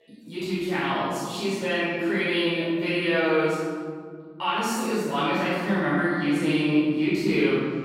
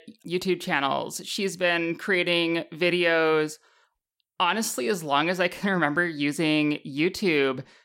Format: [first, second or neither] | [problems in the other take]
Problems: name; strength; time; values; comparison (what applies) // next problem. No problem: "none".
second | off-mic speech; far // room echo; strong; dies away in 2.1 s